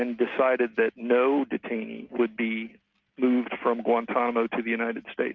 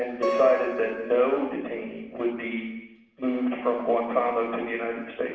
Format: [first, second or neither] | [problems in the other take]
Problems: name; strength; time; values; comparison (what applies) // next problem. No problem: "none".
first | background sound (Acoustic guitar); 6 dB below the speech // room echo; dies away in 0.9 s